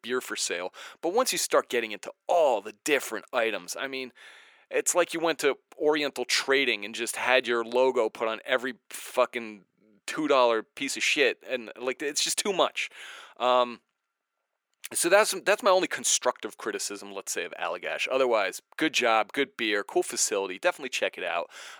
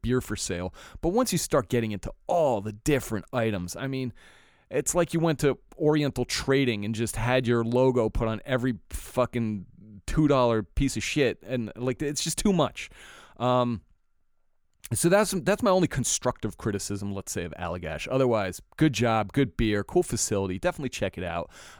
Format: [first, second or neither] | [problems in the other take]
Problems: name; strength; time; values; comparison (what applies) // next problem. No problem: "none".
second | thin; somewhat; fading below 400 Hz